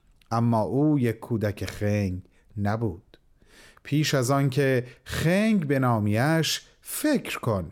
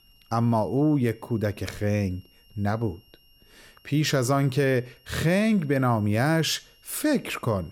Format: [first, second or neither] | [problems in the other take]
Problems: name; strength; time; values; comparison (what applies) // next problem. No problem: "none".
first | high-pitched whine; faint; throughout; 3 kHz, 30 dB below the speech